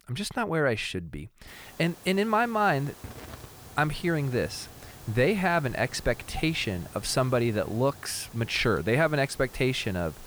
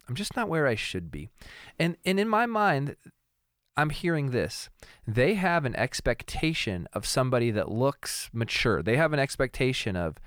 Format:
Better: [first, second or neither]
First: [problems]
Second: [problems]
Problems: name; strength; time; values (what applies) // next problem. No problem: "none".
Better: second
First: hiss; noticeable; from 1.5 s on; 20 dB below the speech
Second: none